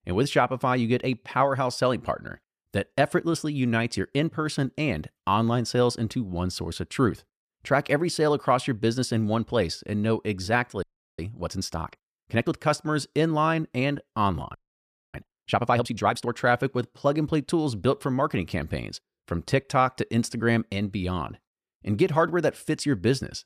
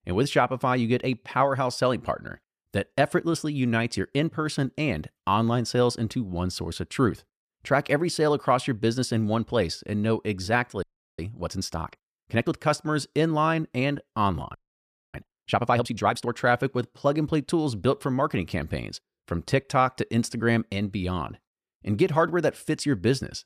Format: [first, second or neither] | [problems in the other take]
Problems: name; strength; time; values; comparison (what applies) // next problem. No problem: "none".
neither | audio freezing; at 11 s and at 15 s for 0.5 s; the same in both